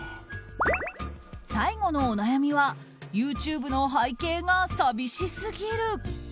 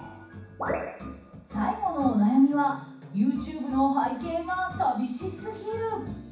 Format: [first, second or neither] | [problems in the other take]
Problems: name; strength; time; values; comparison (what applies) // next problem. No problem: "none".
first | room echo; dies away in 0.7 s